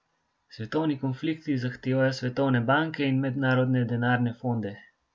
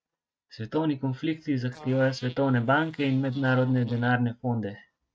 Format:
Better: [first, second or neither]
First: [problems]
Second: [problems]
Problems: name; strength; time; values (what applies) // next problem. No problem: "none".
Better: first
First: none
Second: noise reduction (neural mask model RNNoise)